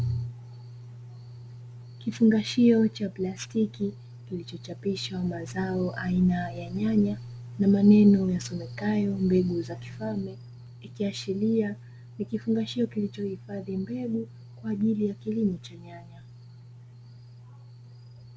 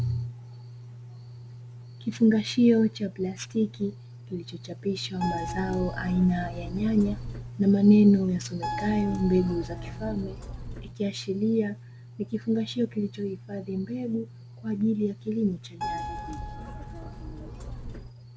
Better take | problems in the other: first | background sound (Keyboard (musical)); 9 dB below the speech

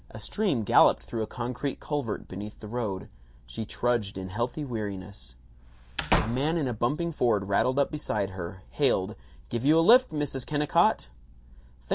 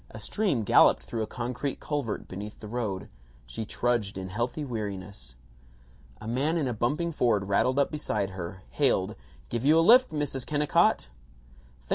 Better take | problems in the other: second | background sound (Slam / Wood); 5 dB below the speech

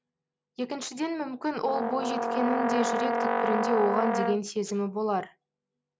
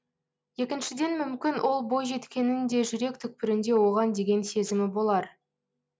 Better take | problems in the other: second | background sound (Brass instrument); 1 dB above the speech

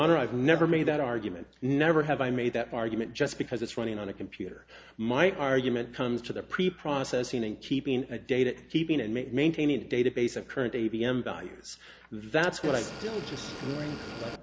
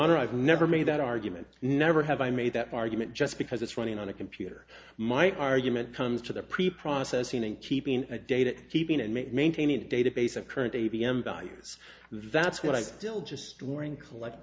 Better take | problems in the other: second | background sound (Motor vehicle (road) / Engine); 11 dB below the speech

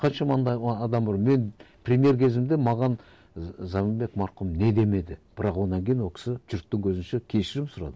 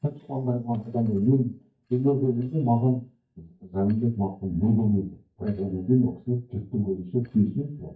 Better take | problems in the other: first | noise reduction (neural mask model DeepFilterNet 3)

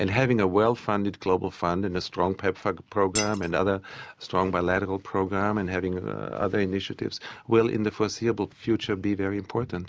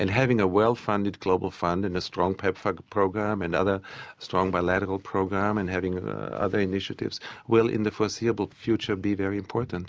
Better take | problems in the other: second | background sound (Shatter); 6 dB below the speech

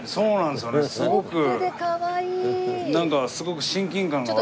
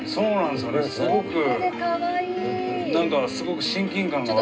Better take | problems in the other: first | background sound (Piano); 9 dB below the speech // room echo; dies away in 0.2 s

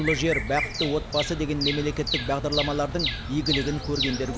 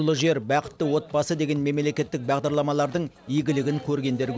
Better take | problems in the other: second | background sound (Bird vocalization, bird call, bird song); 3 dB below the speech

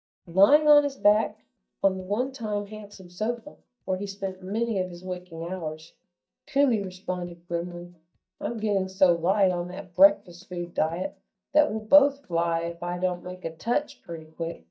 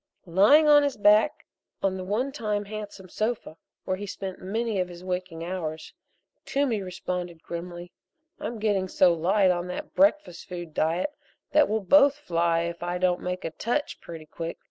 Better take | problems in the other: second | noise reduction (neural mask model DeepFilterNet 3)

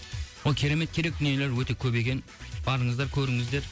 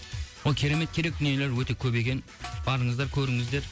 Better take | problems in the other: first | background sound (Snare drum); 20 dB below the speech

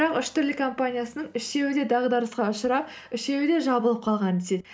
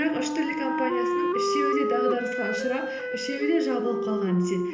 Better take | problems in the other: first | background sound (Wind instrument, woodwind instrument); 1 dB above the speech // room echo; dies away in 0.8 s

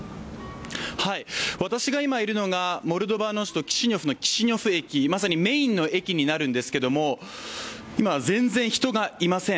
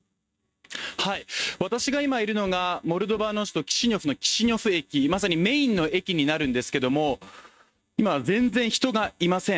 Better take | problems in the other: first | noise reduction (neural mask model RNNoise)

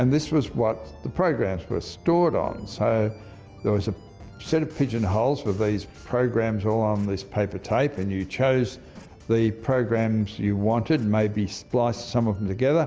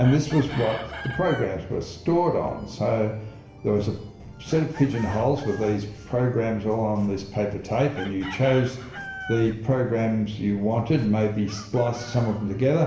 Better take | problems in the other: first | background sound (Chicken, rooster); 18 dB below the speech // room echo; dies away in 0.8 s

